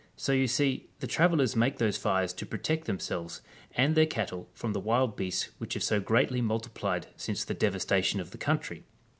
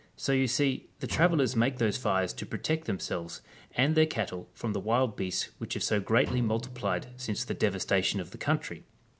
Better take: first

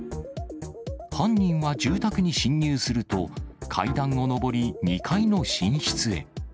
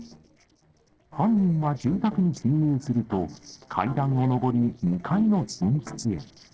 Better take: first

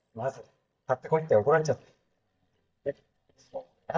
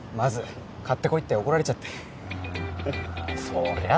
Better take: second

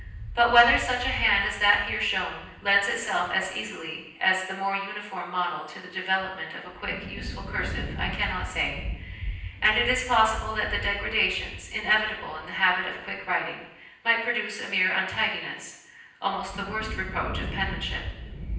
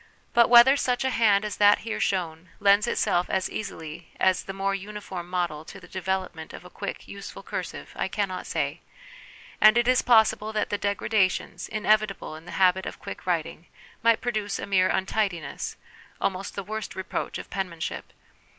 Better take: second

